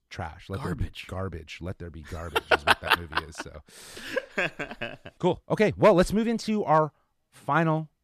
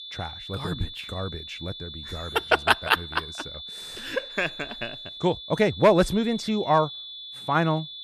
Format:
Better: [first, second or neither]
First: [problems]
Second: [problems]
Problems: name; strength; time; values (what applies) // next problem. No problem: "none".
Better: first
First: none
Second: high-pitched whine; noticeable; throughout; 3.5 kHz, 10 dB below the speech